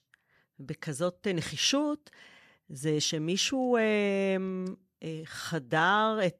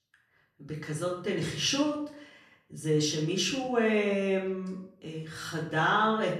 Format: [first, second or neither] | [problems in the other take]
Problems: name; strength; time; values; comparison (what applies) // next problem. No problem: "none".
first | off-mic speech; far // room echo; slight; dies away in 0.6 s